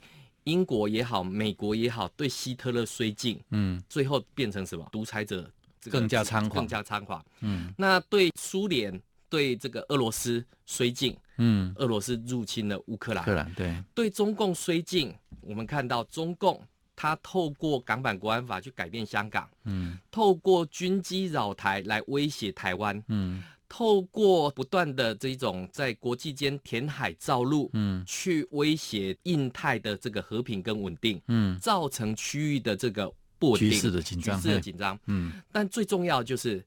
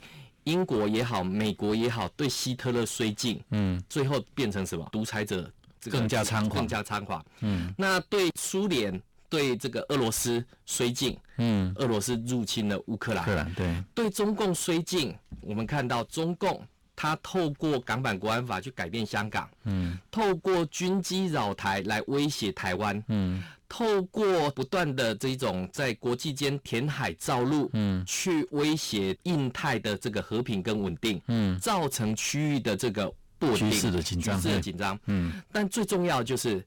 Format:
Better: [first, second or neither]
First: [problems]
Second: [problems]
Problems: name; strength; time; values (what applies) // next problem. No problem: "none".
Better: first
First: none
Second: distortion; heavy; 8 dB below the speech